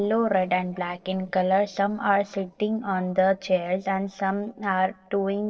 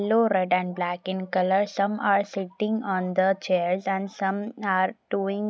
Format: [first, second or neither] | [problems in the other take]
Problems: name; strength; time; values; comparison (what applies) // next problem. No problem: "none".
second | noise reduction (neural separator model SepFormer DNS4)